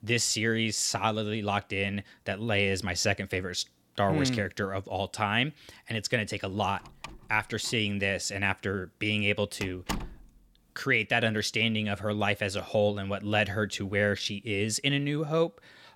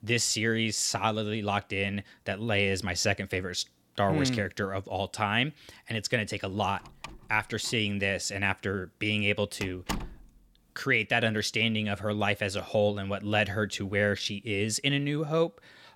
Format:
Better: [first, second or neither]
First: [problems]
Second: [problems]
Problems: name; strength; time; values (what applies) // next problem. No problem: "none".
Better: neither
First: door banging; noticeable; from 7 to 10 s; peak 7 dB below the speech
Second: door banging; noticeable; from 7 to 10 s; peak 7 dB below the speech